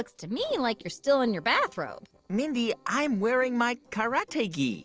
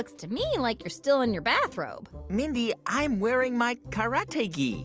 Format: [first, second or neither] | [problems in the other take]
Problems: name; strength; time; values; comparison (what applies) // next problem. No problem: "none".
second | noise reduction (neural separator model SepFormer DNS4)